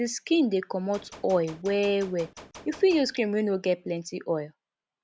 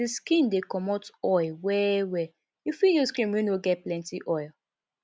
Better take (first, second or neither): second